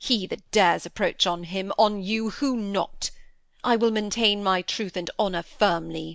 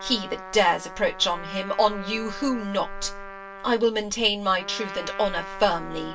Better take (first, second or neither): first